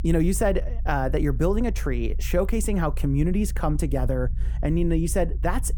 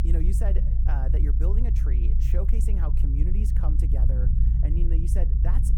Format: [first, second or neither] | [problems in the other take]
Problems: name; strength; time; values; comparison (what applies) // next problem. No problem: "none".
first | low rumble; loud; throughout; 2 dB below the speech; faint in the first